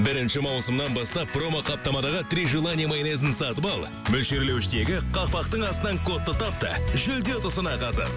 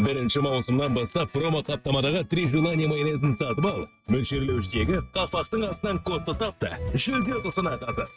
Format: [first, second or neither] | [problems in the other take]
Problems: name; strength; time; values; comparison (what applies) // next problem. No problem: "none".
first | noise reduction (neural mask model RNNoise)